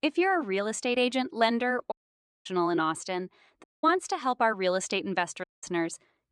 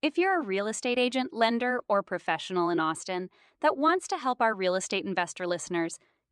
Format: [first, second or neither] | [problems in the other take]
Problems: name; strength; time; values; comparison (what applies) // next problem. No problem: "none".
second | audio cutting out; at 2 s for 0.5 s, at 3.5 s and at 5.5 s